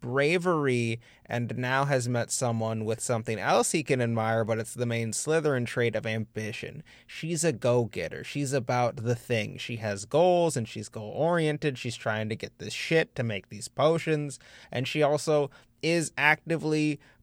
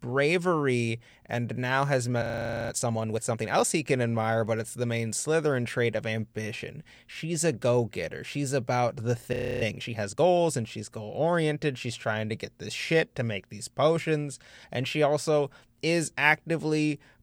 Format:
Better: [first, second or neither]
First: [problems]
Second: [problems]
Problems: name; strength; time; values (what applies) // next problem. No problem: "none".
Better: first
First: none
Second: audio freezing; at 2 s and at 9.5 s